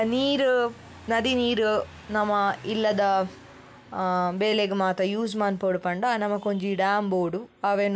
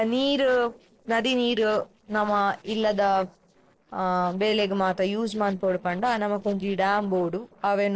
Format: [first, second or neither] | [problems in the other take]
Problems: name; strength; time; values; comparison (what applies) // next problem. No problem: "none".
first | noise reduction (neural separator model SepFormer DNS4)